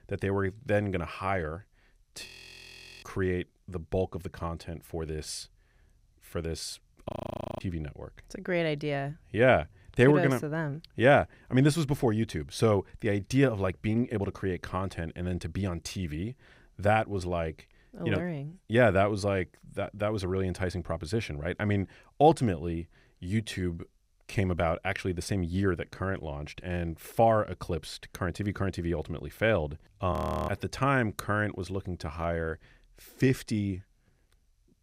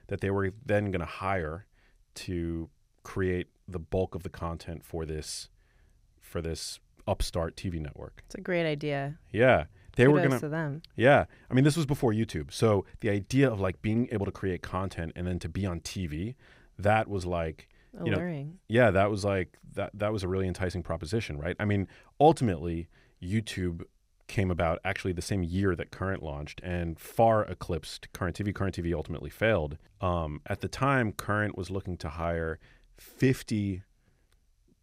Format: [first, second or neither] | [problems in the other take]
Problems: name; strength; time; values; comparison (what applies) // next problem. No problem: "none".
second | audio freezing; at 2.5 s for 1 s, at 7 s for 0.5 s and at 30 s